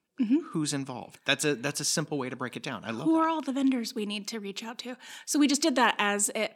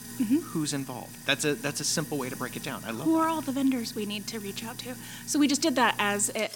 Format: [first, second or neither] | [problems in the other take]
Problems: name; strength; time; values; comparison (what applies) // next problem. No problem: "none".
first | household noises; noticeable; throughout; 15 dB below the speech